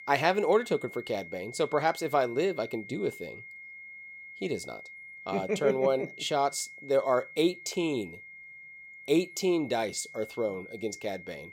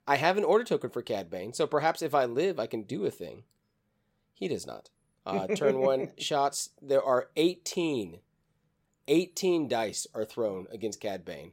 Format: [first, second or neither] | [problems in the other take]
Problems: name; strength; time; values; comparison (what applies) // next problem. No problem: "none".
second | high-pitched whine; noticeable; throughout; 2 kHz, 15 dB below the speech